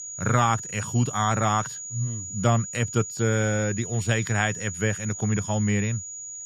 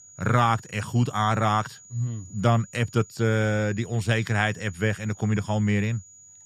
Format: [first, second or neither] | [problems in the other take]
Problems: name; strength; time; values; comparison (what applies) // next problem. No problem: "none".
second | high-pitched whine; loud; throughout; 7 kHz, 8 dB below the speech; faint in the second